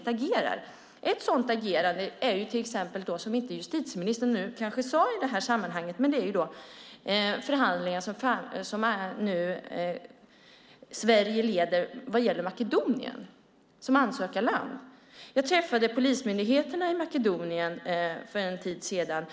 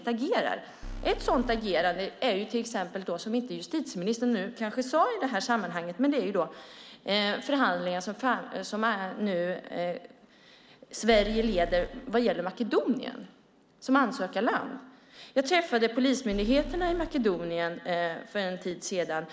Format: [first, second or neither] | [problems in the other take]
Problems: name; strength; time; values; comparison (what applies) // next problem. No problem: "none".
first | background sound (Alarm); 11 dB below the speech